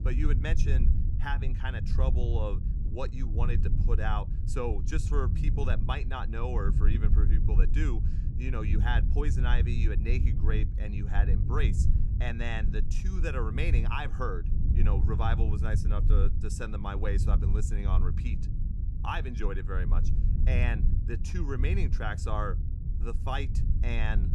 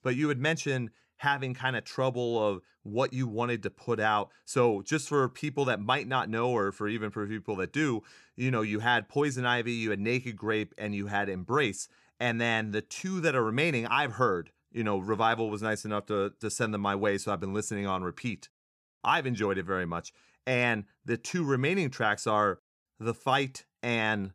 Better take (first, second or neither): second